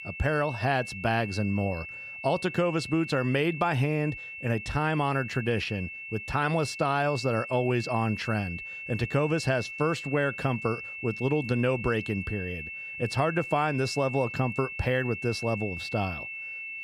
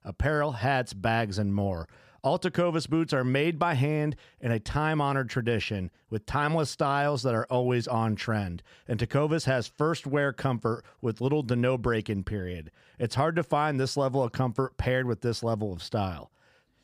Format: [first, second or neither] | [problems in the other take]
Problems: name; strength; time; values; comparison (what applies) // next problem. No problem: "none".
second | high-pitched whine; loud; throughout; 2.5 kHz, 8 dB below the speech